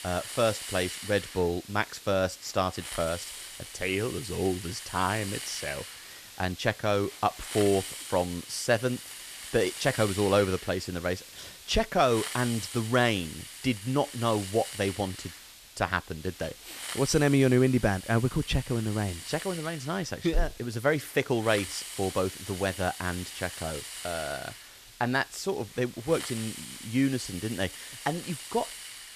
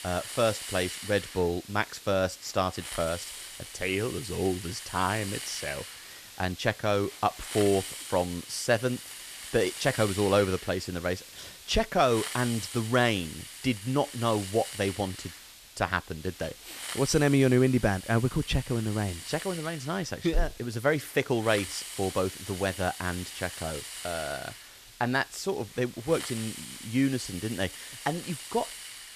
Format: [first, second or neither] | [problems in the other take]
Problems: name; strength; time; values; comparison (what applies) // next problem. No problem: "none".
neither | hiss; noticeable; throughout; 10 dB below the speech; the same in both